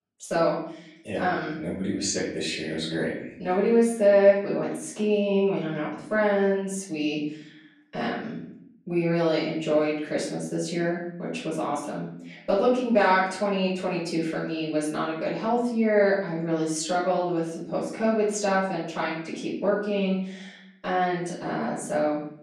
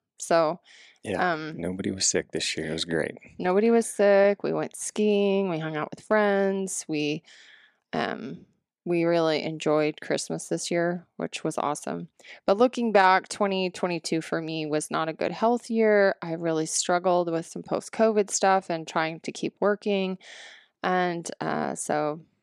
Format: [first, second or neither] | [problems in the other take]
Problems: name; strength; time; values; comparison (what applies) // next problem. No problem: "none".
second | room echo; noticeable; dies away in 0.7 s // off-mic speech; far